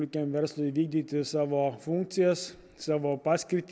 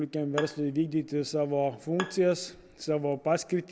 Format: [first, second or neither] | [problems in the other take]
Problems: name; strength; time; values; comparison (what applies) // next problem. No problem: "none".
first | background sound (Bowed string instrument); 15 dB below the speech